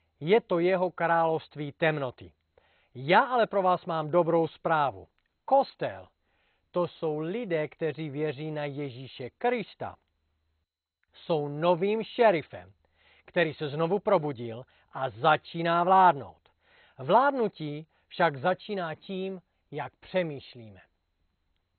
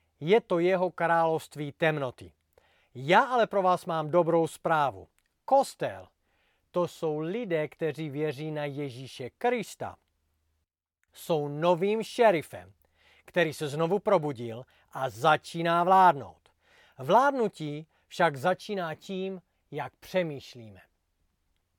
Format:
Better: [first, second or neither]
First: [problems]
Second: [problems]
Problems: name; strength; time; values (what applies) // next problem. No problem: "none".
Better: second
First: garbled, watery; badly; nothing above 4 kHz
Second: none